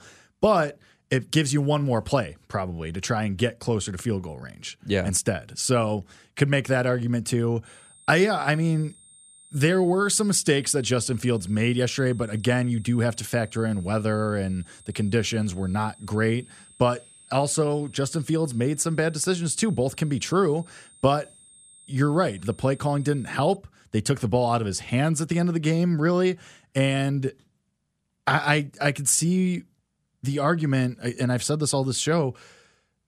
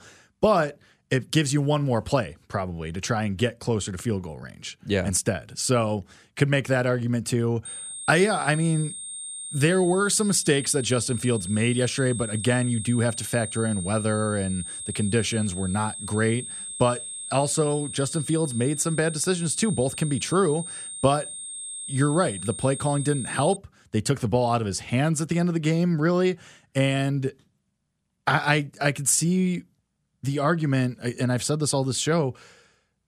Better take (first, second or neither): first